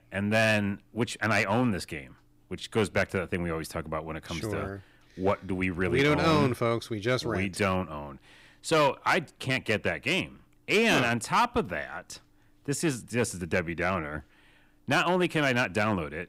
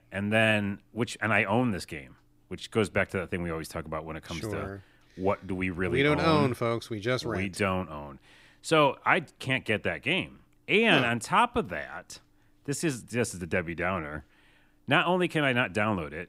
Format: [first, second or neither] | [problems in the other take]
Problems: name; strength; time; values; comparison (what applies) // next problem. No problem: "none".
second | distortion; slight; 2% of the sound clipped